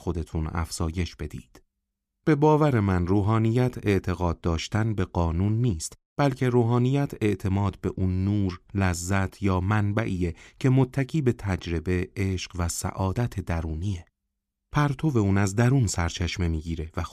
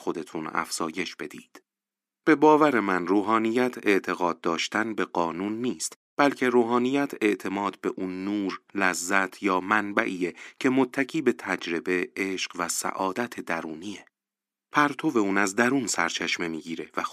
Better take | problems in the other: first | thin; somewhat; fading below 250 Hz

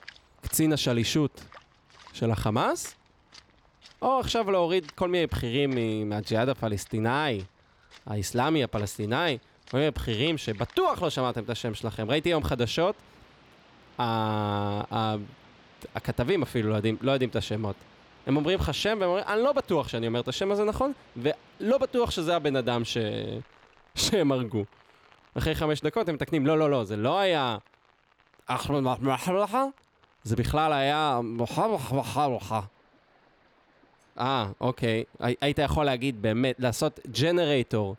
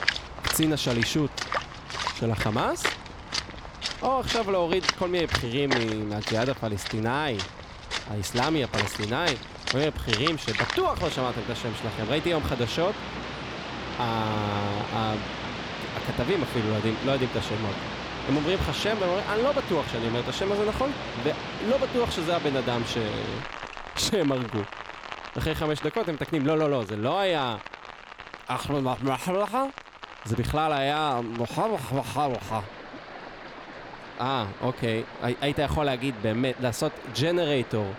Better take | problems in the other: first | rain or running water; loud; throughout; 6 dB below the speech; faint in the first

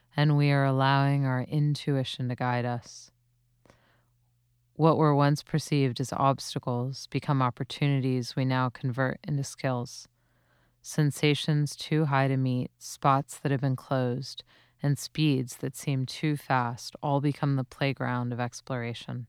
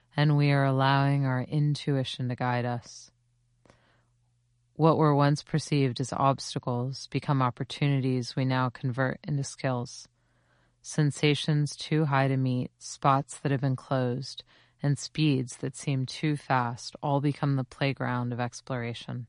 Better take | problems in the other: first | garbled, watery; slightly; nothing above 10 kHz

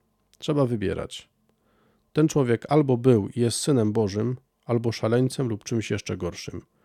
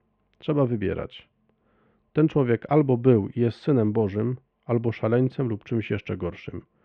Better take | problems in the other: first | muffled; very; fading above 2.5 kHz

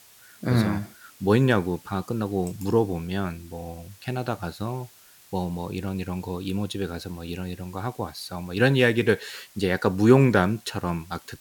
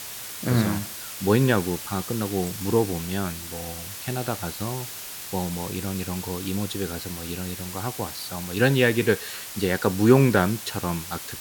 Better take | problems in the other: first | hiss; loud; throughout; 9 dB below the speech; faint in the first

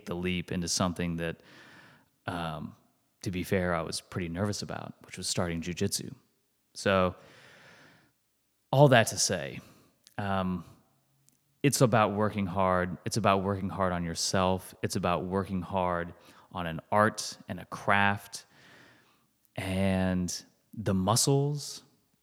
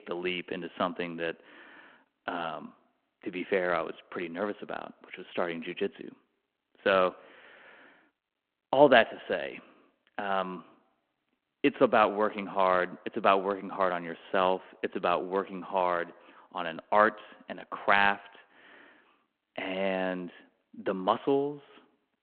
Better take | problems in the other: first | phone-call audio

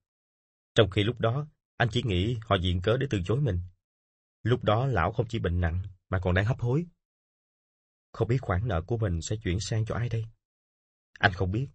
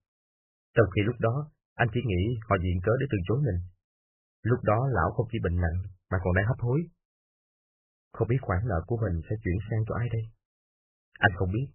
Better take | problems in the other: first | garbled, watery; badly; nothing above 3 kHz; slightly in the first

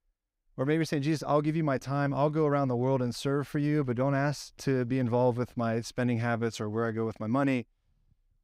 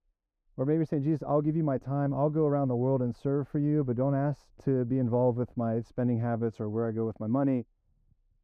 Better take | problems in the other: first | muffled; very; fading above 1.5 kHz

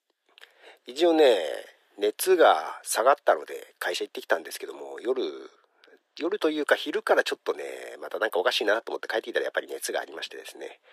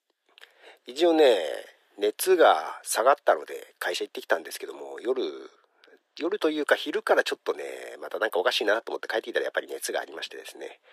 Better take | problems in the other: neither | thin; very; fading below 350 Hz; the same in both

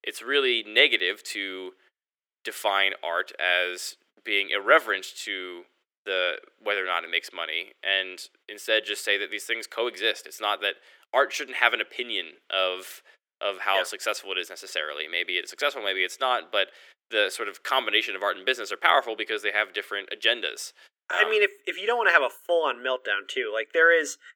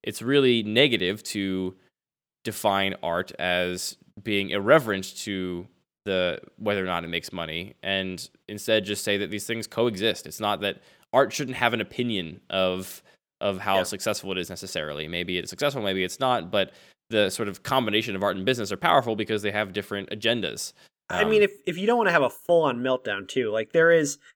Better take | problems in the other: second | thin; very; fading below 350 Hz

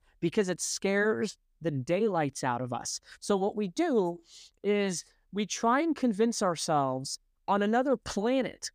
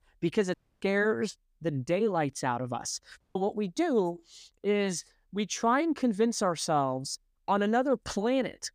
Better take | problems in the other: first | audio cutting out; at 0.5 s and at 3 s

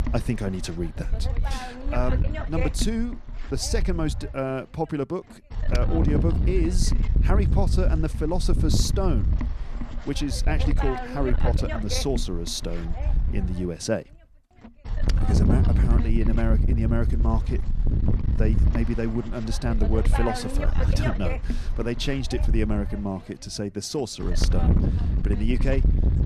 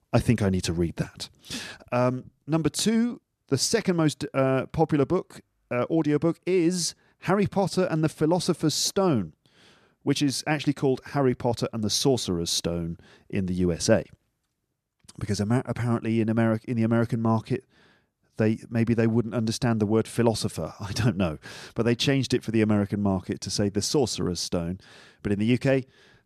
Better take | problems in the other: second | wind noise on the microphone; heavy; 5 dB below the speech

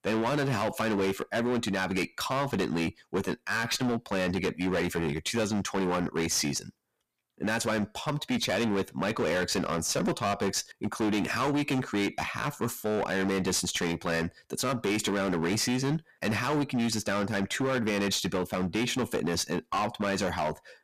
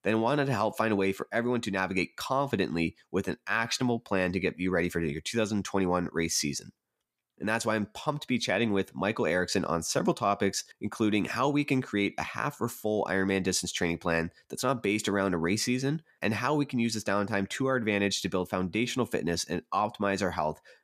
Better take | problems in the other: second | distortion; heavy; 19% of the sound clipped

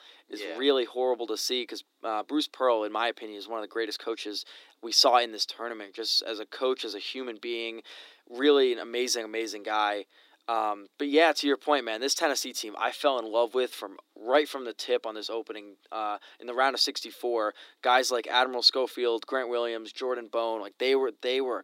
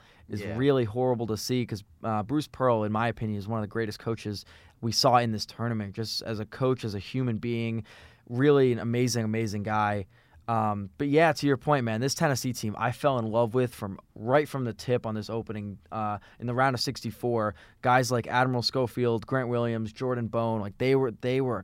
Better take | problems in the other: second | thin; somewhat; fading below 300 Hz

